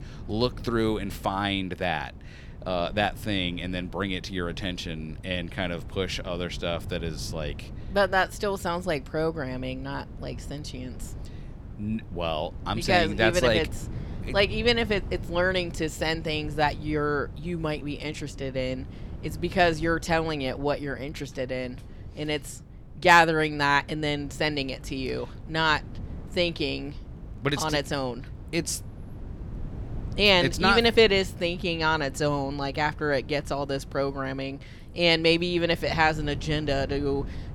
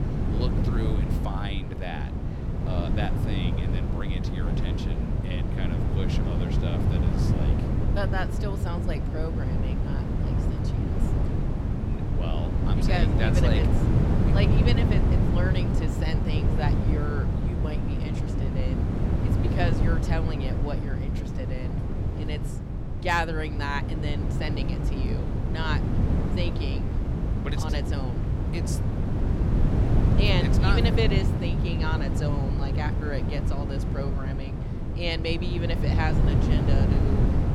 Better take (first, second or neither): first